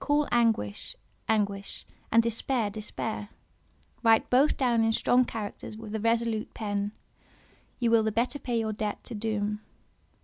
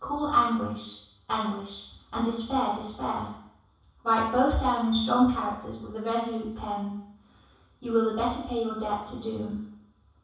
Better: first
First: none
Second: room echo; dies away in 0.7 s

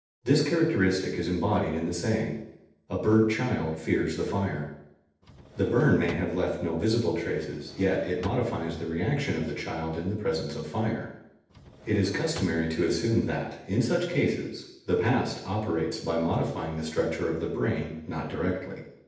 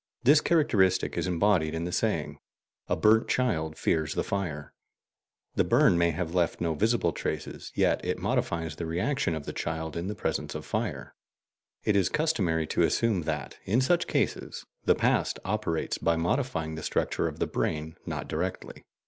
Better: second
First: noise reduction (neural separator model SepFormer DNS4)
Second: none

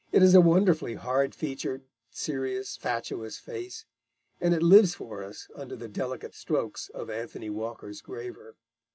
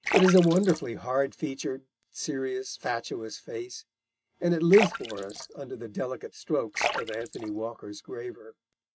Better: first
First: none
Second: noise reduction (neural mask model RNNoise)

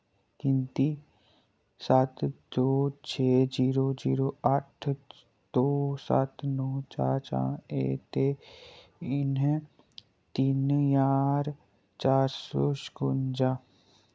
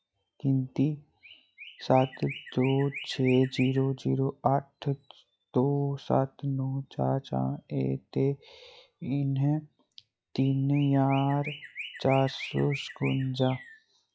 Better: first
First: none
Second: noise reduction (classical method log-MMSE)

